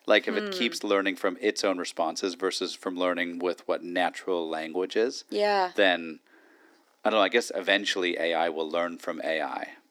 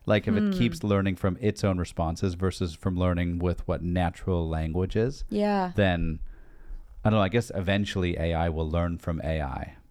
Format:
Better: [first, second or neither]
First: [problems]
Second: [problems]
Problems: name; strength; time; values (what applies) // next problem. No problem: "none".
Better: second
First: thin; somewhat; fading below 300 Hz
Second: none